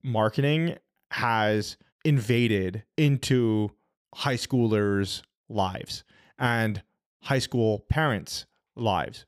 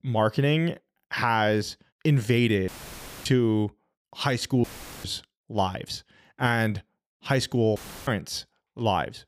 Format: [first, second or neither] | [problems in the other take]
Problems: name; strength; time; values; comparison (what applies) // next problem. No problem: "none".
first | audio cutting out; filled with static; at 2.5 s for 0.5 s, at 4.5 s and at 8 s